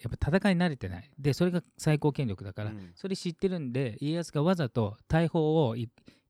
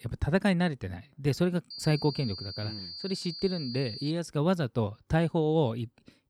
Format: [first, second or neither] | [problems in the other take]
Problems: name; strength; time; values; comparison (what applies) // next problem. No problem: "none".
first | high-pitched whine; loud; from 1.5 to 4 s; 4.5 kHz, 9 dB below the speech